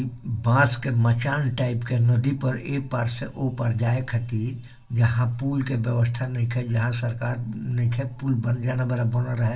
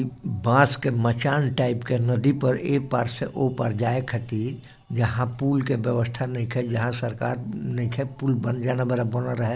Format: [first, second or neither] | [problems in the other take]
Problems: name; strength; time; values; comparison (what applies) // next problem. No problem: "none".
second | room echo; dies away in 0.2 s